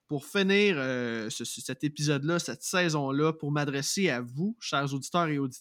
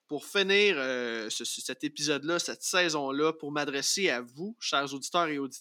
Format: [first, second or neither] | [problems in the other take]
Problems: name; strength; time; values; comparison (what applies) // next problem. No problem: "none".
first | thin; somewhat; fading below 350 Hz